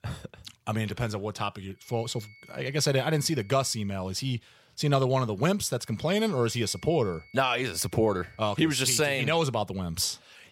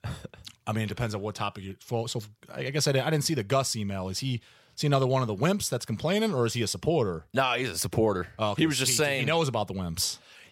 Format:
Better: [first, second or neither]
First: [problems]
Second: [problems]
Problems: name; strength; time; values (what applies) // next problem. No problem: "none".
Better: second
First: high-pitched whine; faint; from 2 to 4 s and from 6 to 9 s; 2 kHz, 25 dB below the speech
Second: none